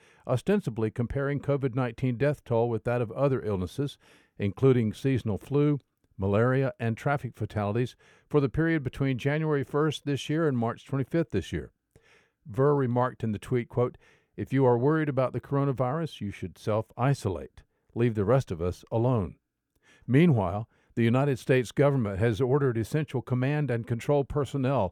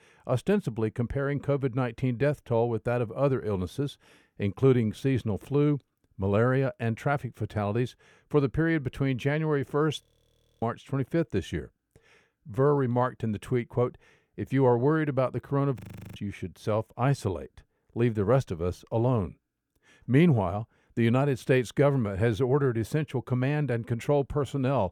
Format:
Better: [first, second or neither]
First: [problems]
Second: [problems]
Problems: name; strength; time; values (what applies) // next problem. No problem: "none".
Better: first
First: none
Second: audio freezing; at 10 s for 0.5 s and at 16 s